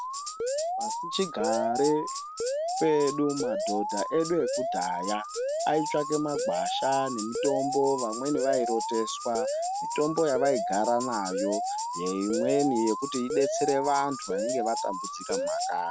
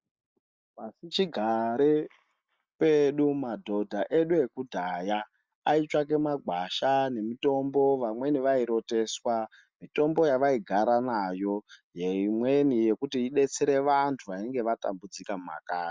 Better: second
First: background sound (Tambourine + Alarm); 2 dB below the speech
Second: none

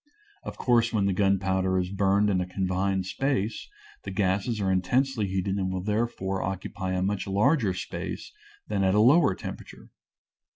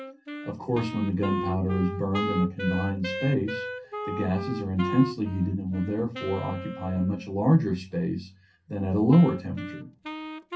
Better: first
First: none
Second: background sound (Wind instrument, woodwind instrument); 10 dB below the speech // room echo; dies away in 0.3 s

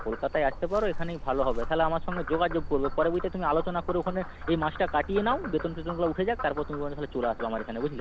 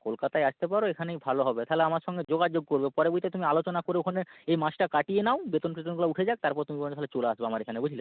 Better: second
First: background sound (Frog); 7 dB below the speech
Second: none

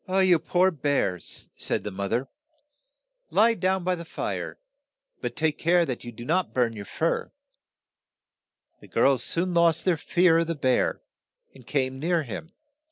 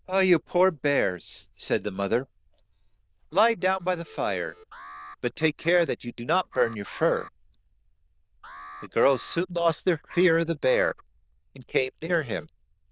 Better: first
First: none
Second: noise reduction (neural diffusion model UNIVERSE++)

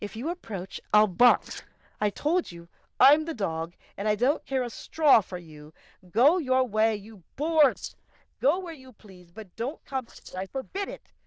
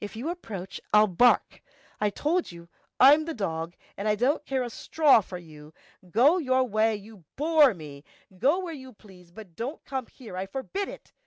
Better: second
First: noise reduction (neural diffusion model UNIVERSE++)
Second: none

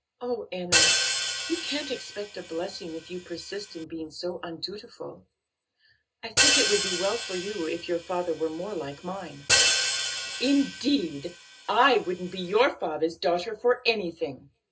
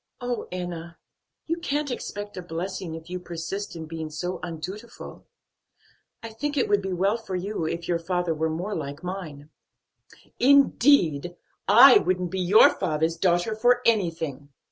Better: second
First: background sound (Hi-hat); 1 dB above the speech // room echo; dies away in 0.2 s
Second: none

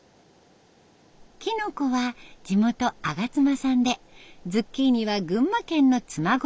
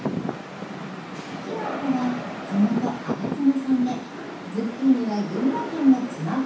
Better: first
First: none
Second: background sound (Rain); 7 dB below the speech // room echo; dies away in 0.7 s

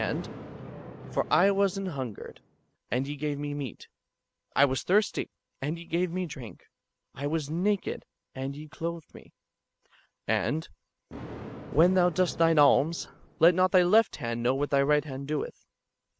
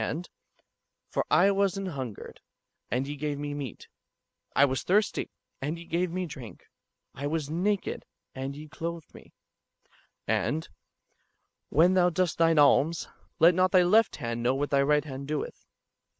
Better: second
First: background sound (Thunder); 19 dB below the speech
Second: none

